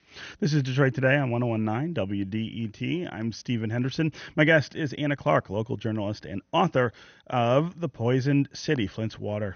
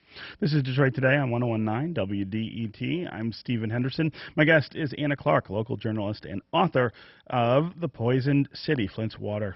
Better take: first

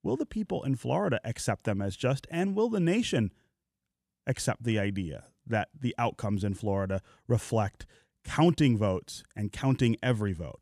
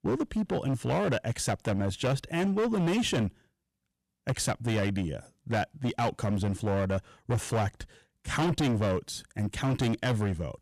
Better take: first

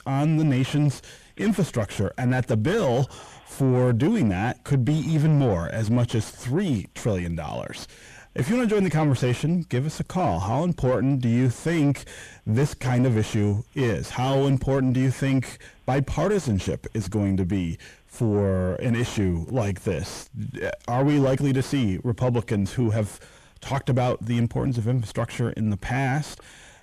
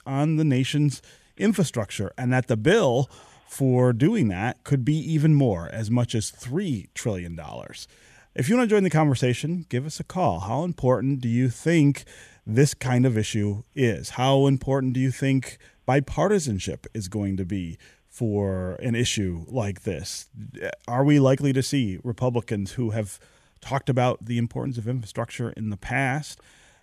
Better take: second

